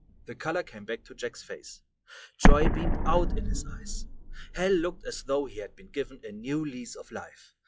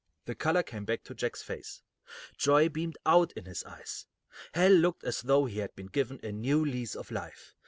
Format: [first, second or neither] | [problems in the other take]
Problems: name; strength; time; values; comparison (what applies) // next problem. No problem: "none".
second | noise reduction (classical method log-MMSE)